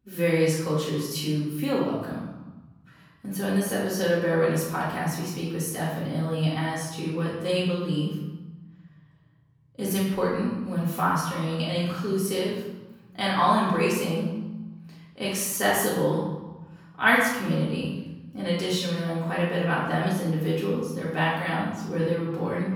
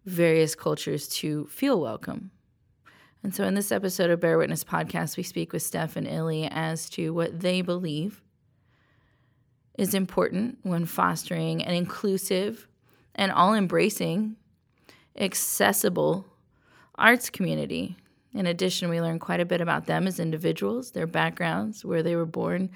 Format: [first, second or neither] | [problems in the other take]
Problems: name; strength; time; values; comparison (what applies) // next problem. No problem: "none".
second | off-mic speech; far // room echo; noticeable; dies away in 1.1 s